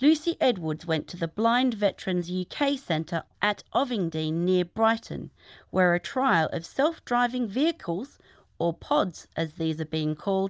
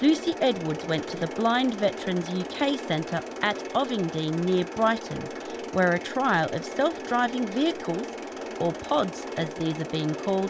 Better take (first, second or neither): first